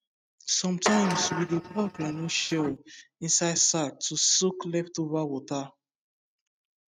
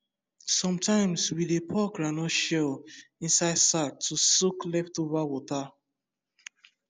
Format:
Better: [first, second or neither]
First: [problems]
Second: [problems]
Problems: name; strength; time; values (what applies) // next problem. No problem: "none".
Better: second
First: noise reduction (neural mask model RNNoise)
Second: none